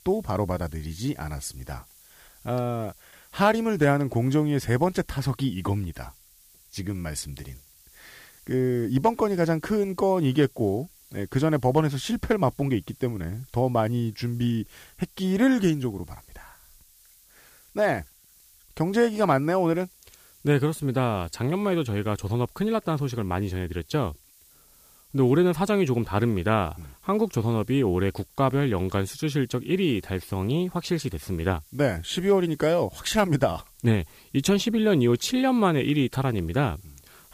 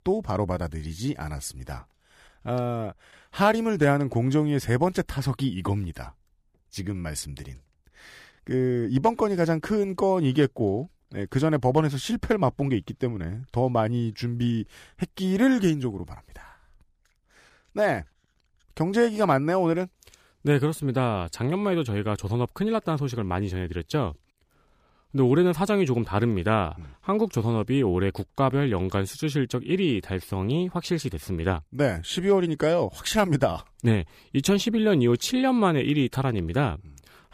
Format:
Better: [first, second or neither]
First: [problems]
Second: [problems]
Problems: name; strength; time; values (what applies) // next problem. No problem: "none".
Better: second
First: hiss; faint; throughout; 25 dB below the speech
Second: none